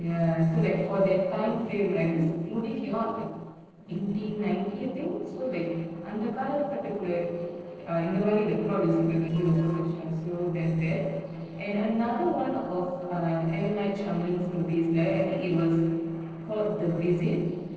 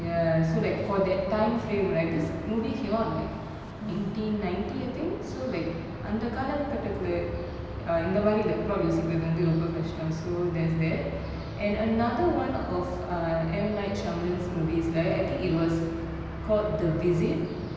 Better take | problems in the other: second | noise reduction (neural separator model SepFormer DNS4)

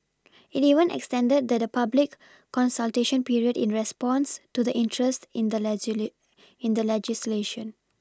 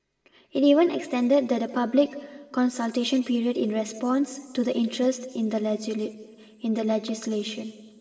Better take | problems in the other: first | room echo; dies away in 1.6 s

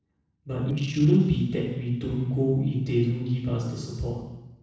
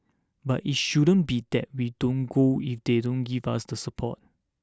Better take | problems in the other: second | noise reduction (neural separator model SepFormer DNS4)

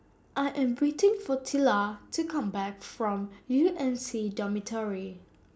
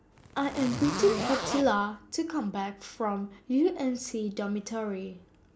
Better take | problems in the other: first | background sound (Zipper (clothing)); 4 dB below the speech

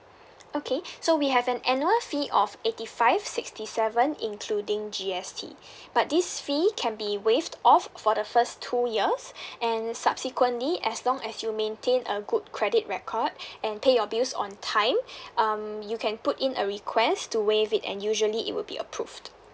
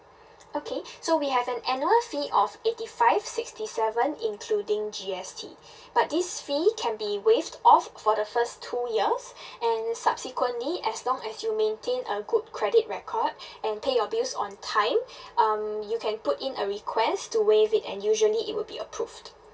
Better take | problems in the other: first | room echo; dies away in 0.1 s

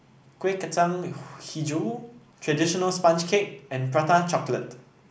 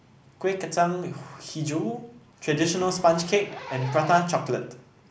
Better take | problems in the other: first | background sound (Zipper (clothing)); 18 dB below the speech

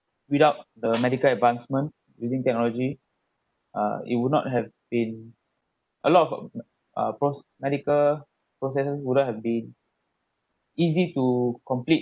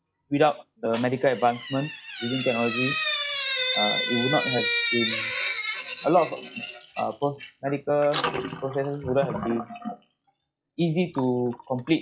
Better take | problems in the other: first | noise reduction (classical method log-MMSE)

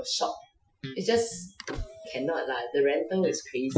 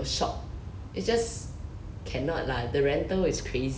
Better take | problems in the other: second | noise reduction (classical method Wiener filter)

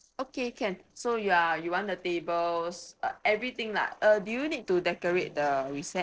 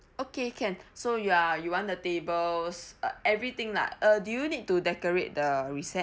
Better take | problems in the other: second | noise reduction (neural separator model SepFormer DNS4)

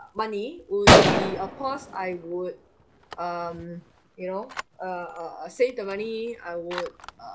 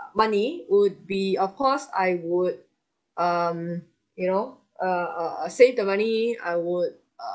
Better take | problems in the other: second | background sound (Gunshot, gunfire); 5 dB above the speech

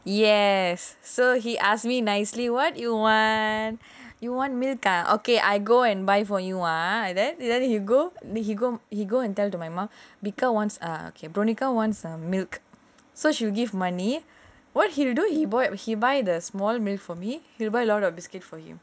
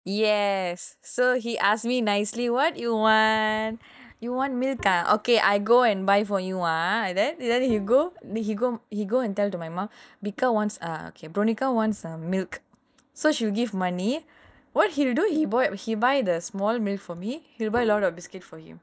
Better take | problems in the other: first | noise reduction (neural mask model DeepFilterNet 3)

